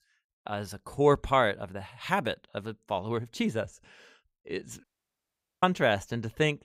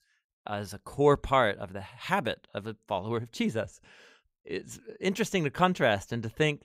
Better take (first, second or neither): second